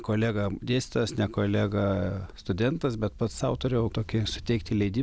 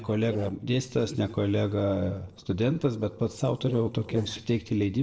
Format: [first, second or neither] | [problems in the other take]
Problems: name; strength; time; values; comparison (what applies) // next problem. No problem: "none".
first | noise reduction (neural separator model SepFormer DNS4)